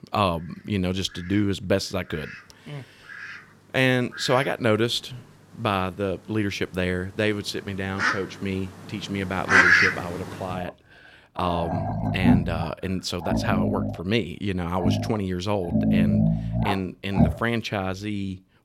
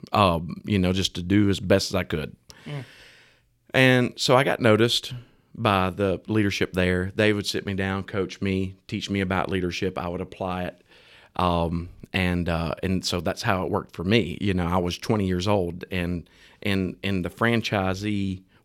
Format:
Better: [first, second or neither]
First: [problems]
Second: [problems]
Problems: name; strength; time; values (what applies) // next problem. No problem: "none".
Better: second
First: animal sounds; very loud; throughout; 3 dB above the speech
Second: none